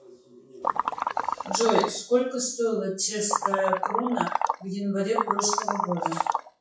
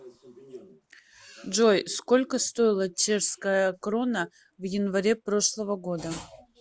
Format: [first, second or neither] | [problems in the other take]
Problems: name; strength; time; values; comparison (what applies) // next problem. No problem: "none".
second | noise reduction (classical method WPE with log-MMSE)